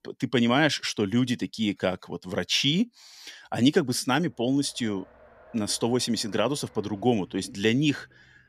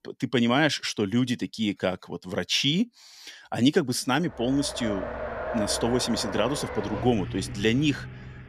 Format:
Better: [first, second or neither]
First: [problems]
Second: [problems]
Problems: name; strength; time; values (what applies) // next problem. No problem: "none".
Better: first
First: traffic noise; faint; from 4.5 s on; 30 dB below the speech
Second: traffic noise; loud; from 4.5 s on; 9 dB below the speech